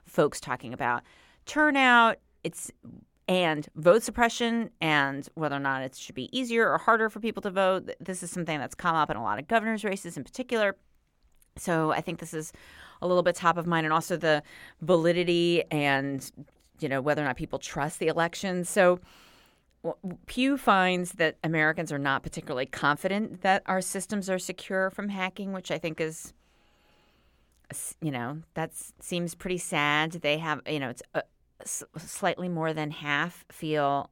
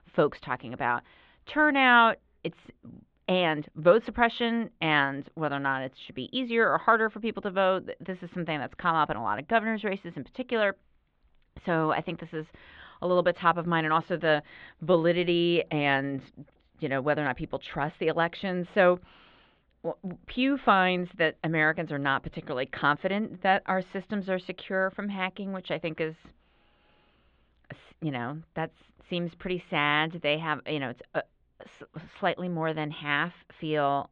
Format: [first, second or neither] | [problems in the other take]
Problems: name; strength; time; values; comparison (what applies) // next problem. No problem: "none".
first | muffled; very; fading above 3.5 kHz